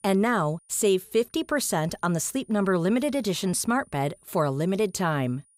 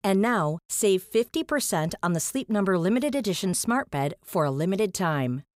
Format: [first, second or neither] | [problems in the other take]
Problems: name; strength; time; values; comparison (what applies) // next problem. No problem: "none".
second | high-pitched whine; faint; throughout; 9.5 kHz, 35 dB below the speech